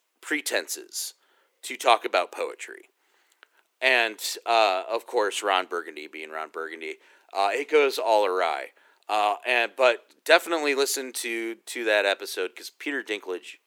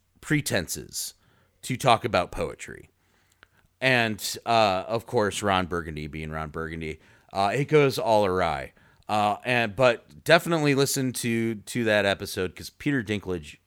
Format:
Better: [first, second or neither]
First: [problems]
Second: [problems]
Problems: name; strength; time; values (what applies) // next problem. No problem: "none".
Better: second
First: thin; somewhat; fading below 350 Hz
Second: none